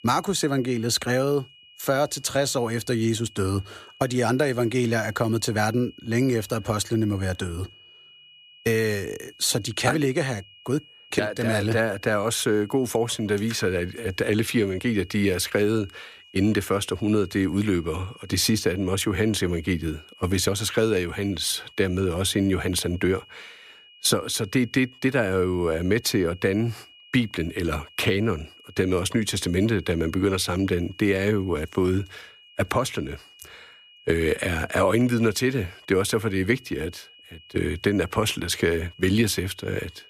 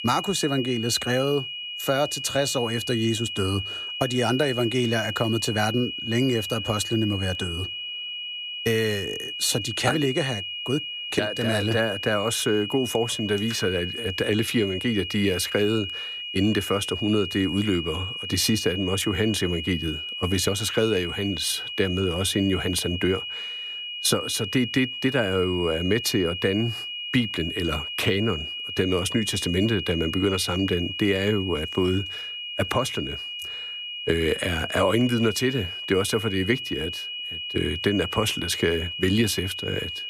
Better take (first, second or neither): first